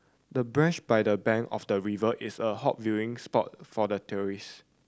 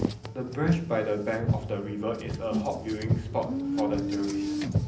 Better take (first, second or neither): first